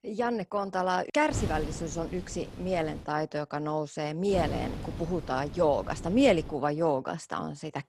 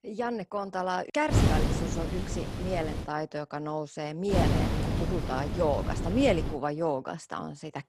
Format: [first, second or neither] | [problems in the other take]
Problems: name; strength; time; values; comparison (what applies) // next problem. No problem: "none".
first | wind noise on the microphone; heavy; from 1.5 to 3 s and from 4.5 to 6.5 s; 4 dB below the speech; occasional gusts in the first